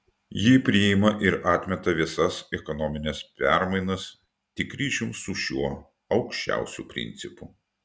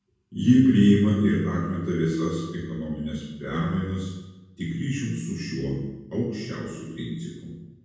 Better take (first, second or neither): first